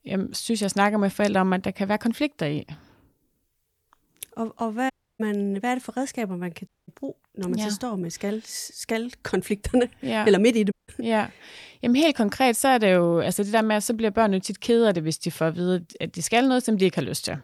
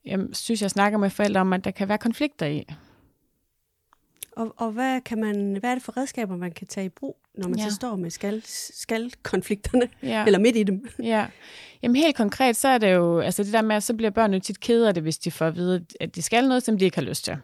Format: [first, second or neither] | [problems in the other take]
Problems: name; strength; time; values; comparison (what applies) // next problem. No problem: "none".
second | audio cutting out; at 5 s, at 6.5 s and at 11 s